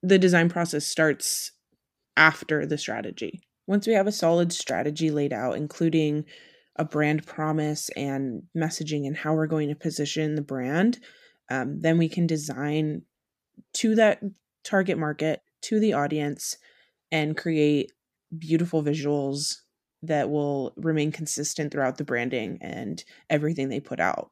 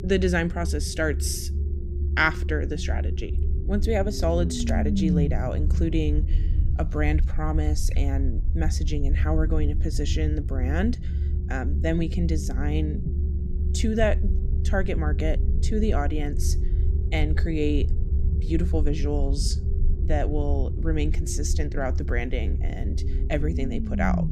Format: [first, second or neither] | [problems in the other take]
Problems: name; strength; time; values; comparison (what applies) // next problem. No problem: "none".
first | low rumble; noticeable; throughout; 10 dB below the speech